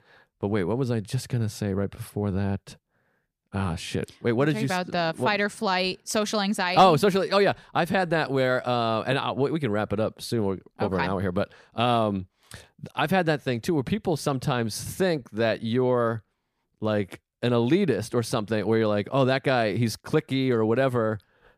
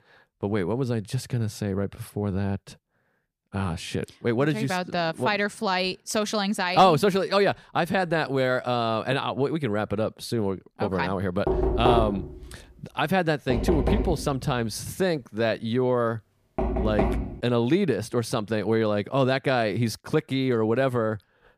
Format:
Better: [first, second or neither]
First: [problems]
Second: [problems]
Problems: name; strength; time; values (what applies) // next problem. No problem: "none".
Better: first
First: none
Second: door banging; loud; from 11 to 17 s; peak 3 dB above the speech